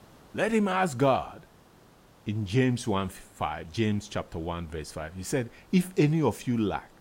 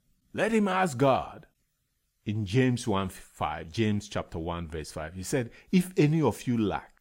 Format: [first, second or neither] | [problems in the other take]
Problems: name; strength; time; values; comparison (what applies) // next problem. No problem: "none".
second | hiss; faint; throughout; 30 dB below the speech